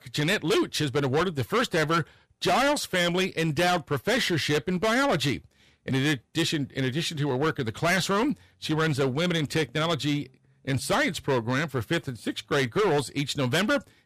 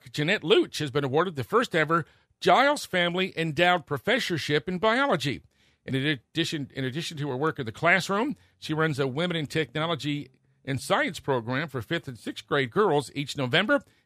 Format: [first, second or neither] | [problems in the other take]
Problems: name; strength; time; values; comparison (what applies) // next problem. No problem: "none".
second | distortion; heavy; 14% of the sound clipped